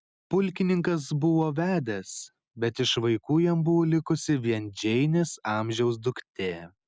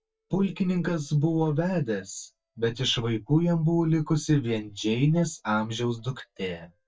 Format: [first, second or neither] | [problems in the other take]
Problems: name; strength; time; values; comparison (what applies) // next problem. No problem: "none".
first | noise reduction (neural mask model DeepFilterNet 3)